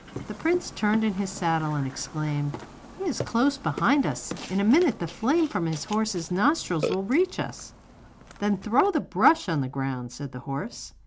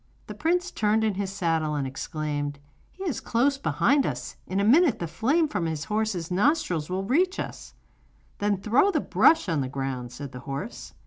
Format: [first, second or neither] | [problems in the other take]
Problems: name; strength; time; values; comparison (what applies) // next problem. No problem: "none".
second | background sound (Burping, eructation); 14 dB below the speech